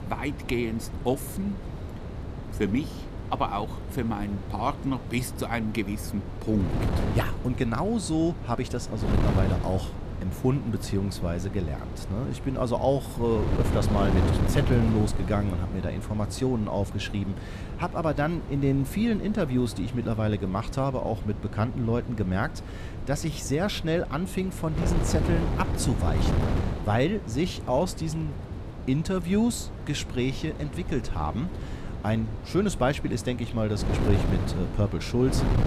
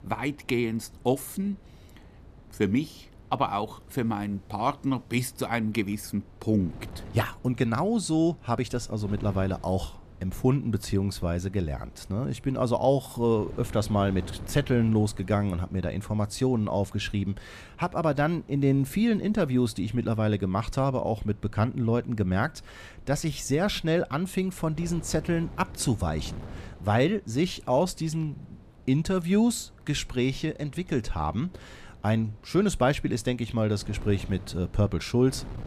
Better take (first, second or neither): second